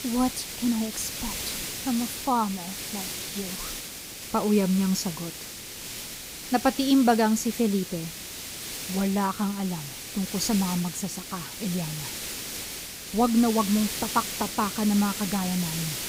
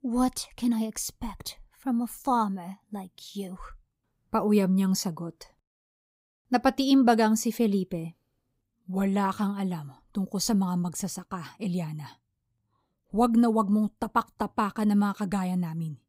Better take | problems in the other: second | hiss; loud; throughout; 7 dB below the speech

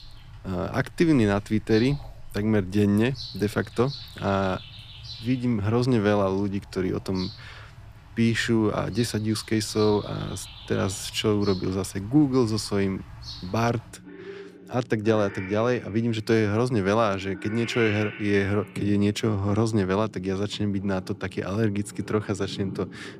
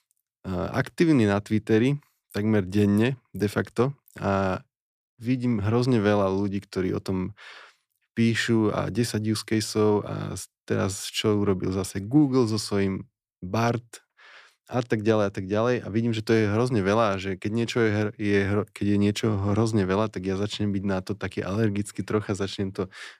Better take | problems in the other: second | animal sounds; noticeable; throughout; 15 dB below the speech

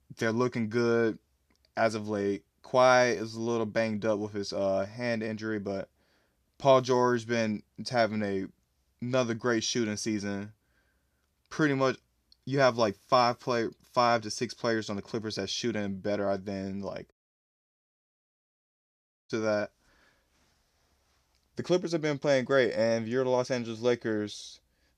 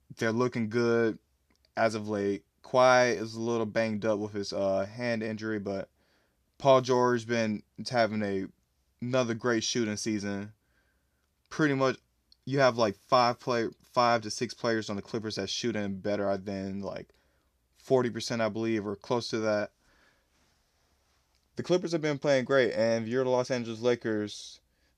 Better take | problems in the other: second | audio cutting out; at 17 s for 2 s

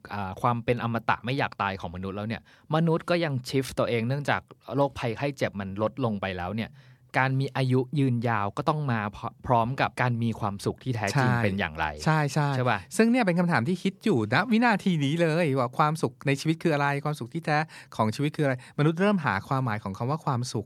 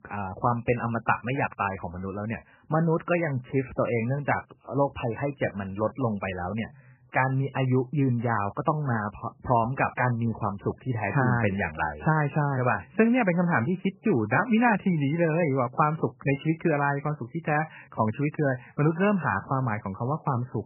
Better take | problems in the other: first | garbled, watery; badly; nothing above 3 kHz

